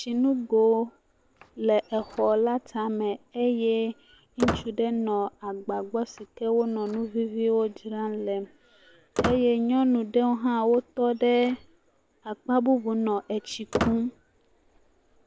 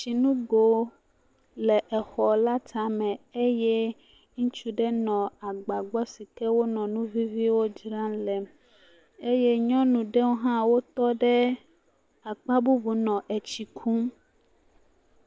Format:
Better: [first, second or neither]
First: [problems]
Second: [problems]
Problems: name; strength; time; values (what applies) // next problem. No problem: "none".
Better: second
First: background sound (Squeak); 11 dB below the speech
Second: none